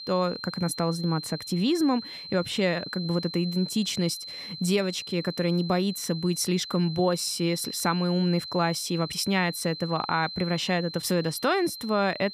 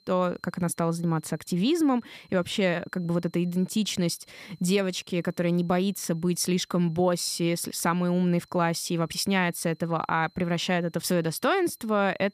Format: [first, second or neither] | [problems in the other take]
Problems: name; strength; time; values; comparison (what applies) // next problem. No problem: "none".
second | high-pitched whine; loud; throughout; 4 kHz, 10 dB below the speech; faint in the second